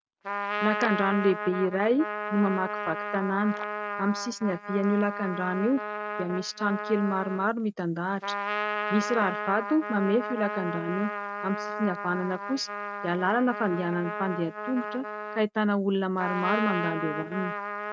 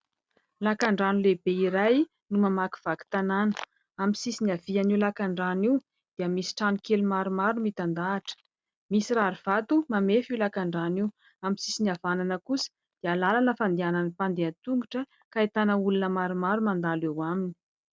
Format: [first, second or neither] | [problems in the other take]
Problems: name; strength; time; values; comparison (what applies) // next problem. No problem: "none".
second | noise reduction (neural mask model RNNoise)